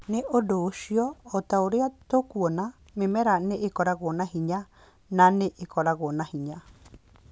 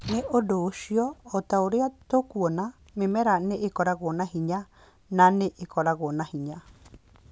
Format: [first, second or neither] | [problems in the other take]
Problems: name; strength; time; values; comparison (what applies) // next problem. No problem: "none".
first | background sound (Slam / Tools); 17 dB below the speech